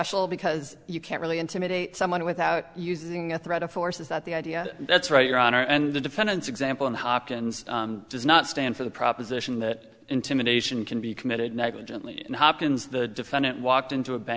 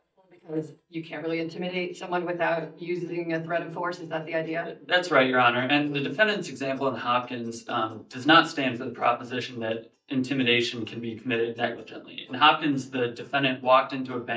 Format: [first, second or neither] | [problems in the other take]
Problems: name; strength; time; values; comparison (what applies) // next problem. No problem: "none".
first | noise reduction (neural mask model DeepFilterNet 3)